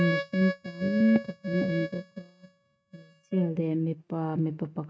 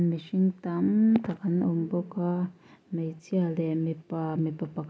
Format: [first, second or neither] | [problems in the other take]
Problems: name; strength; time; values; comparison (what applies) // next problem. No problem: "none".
second | noise reduction (neural mask model RNNoise)